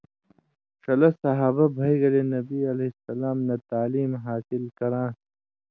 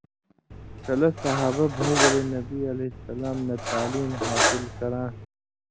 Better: first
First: none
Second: background sound (Cutlery, silverware); 1 dB below the speech

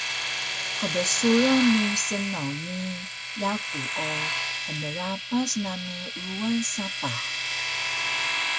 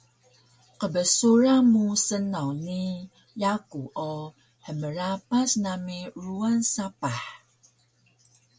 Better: second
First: background sound (Domestic sounds, home sounds); 1 dB below the speech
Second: none

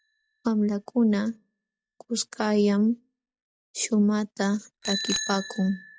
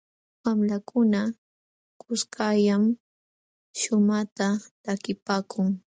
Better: second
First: noise reduction (classical method log-MMSE)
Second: none

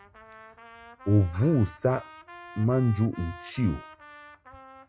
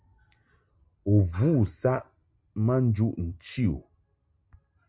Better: second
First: background sound (Trumpet); 19 dB below the speech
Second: none

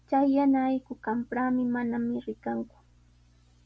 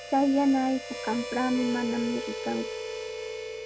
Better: first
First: none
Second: background sound (Harmonica); 7 dB below the speech

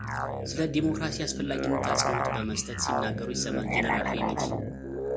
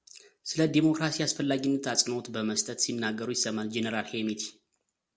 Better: second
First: background sound (Musical instrument); 2 dB above the speech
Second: none

